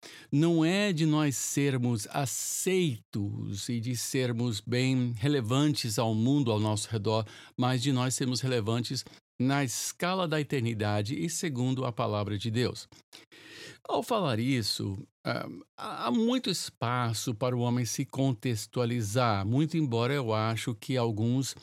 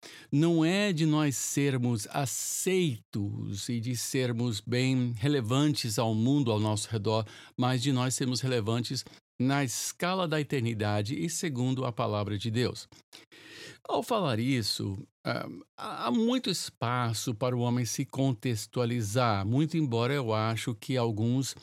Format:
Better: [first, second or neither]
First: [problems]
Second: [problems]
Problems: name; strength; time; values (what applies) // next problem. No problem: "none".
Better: neither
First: none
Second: none